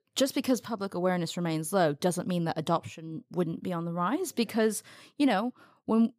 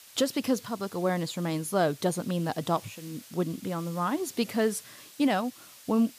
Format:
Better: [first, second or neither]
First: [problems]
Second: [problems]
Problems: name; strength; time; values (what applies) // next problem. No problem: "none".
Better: first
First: none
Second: hiss; noticeable; throughout; 20 dB below the speech